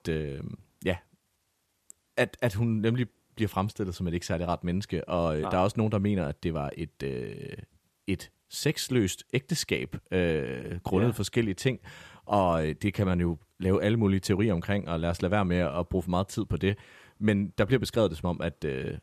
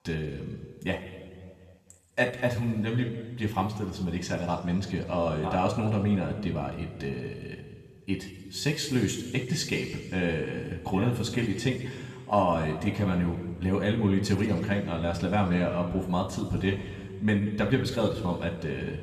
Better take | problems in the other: first | room echo; noticeable; dies away in 1.8 s // off-mic speech; somewhat distant

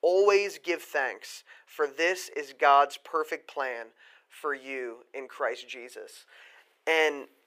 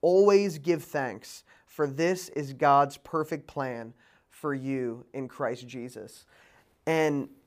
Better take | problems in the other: second | thin; very; fading below 400 Hz

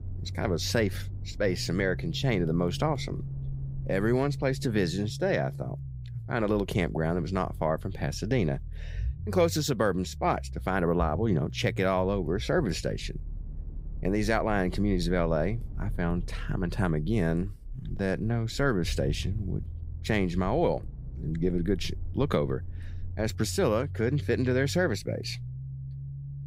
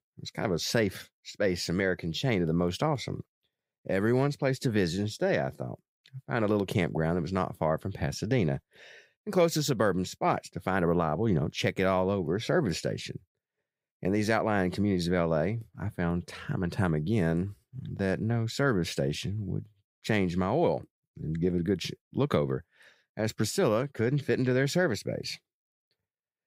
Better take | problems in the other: second | low rumble; faint; throughout; 20 dB below the speech

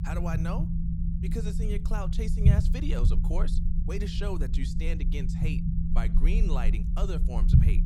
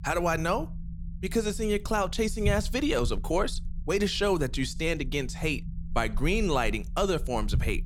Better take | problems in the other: second | low rumble; loud; throughout; 2 dB below the speech; faint in the second

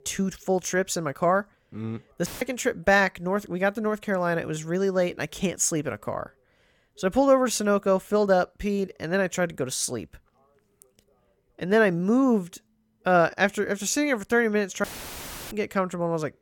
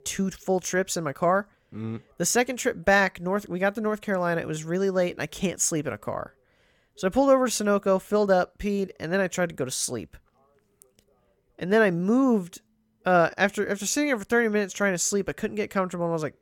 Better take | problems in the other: second | audio cutting out; filled with static; at 2.5 s and at 15 s for 0.5 s

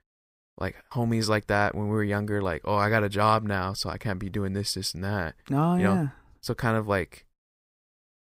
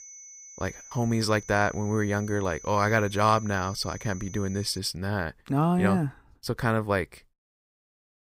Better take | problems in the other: first | high-pitched whine; noticeable; until 5 s; 6 kHz, 15 dB below the speech

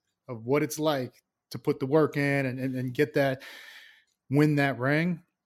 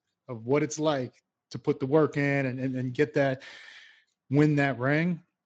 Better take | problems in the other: first | garbled, watery; slightly

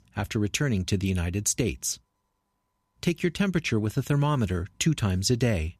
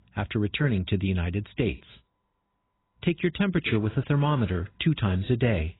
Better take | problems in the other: first | garbled, watery; badly; nothing above 4 kHz

